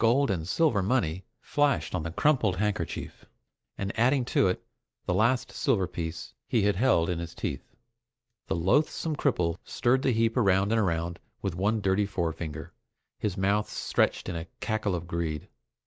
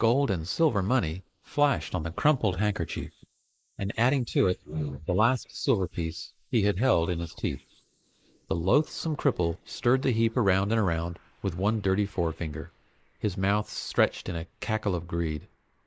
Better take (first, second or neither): first